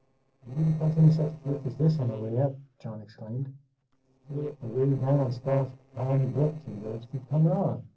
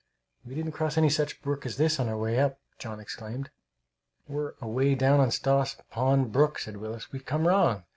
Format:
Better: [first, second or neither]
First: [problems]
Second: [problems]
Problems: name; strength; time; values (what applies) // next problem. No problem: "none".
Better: second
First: noise reduction (neural separator model SepFormer DNS4)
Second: none